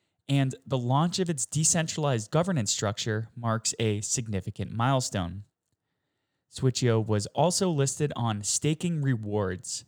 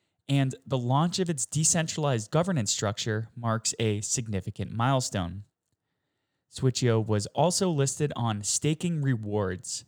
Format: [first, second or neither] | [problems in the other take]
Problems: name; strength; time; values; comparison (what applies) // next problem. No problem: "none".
neither | none